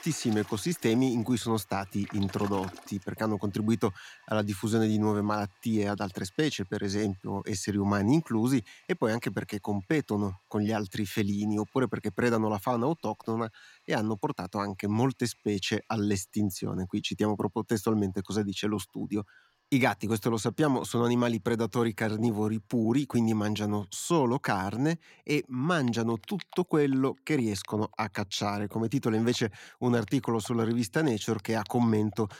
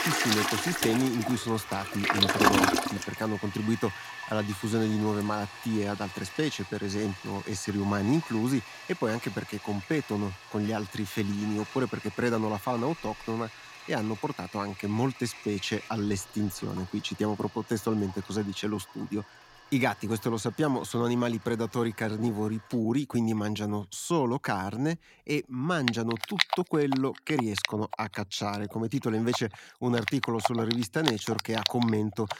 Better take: first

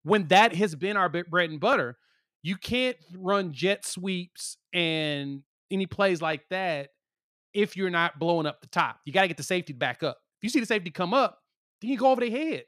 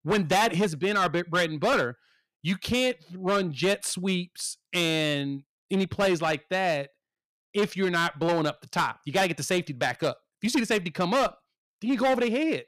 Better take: first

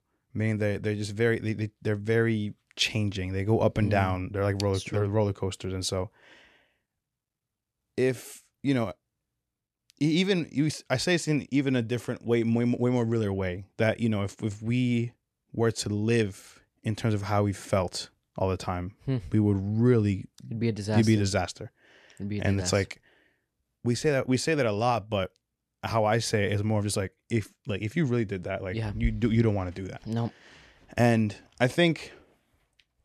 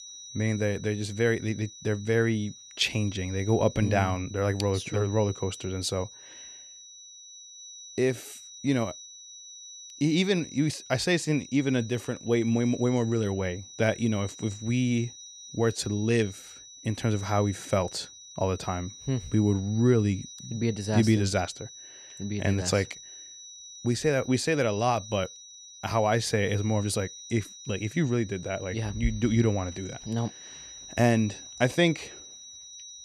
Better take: first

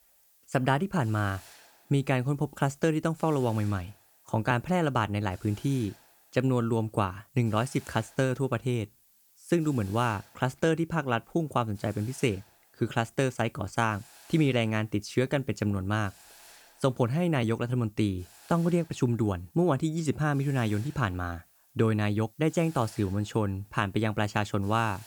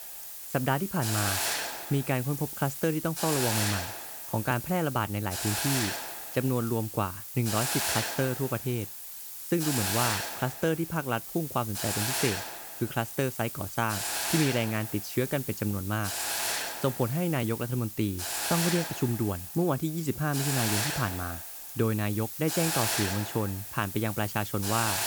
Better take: first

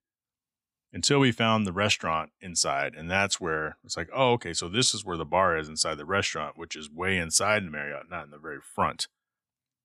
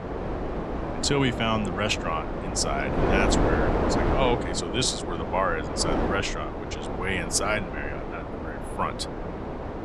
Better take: first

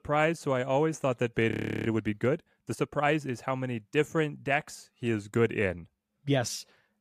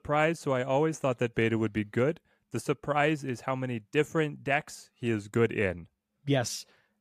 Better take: second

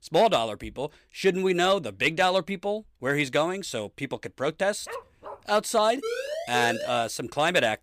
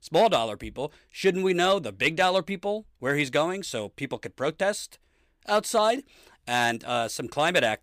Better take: second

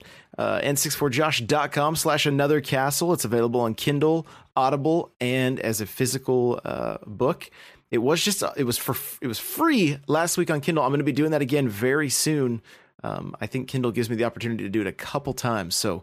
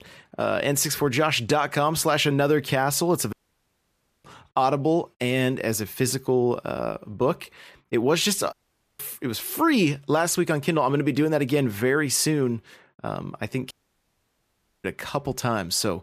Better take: first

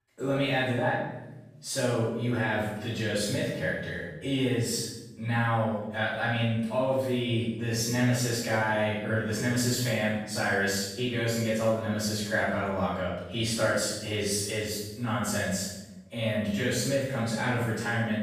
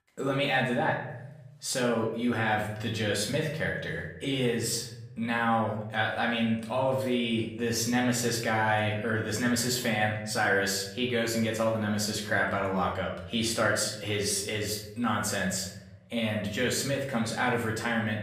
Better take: second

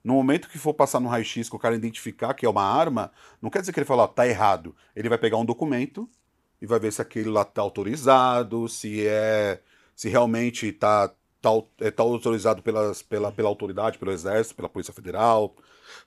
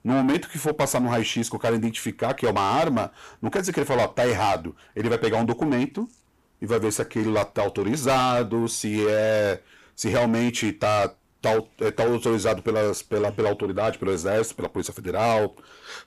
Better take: first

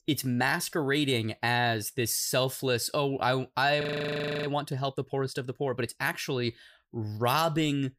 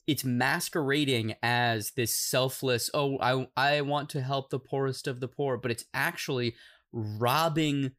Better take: second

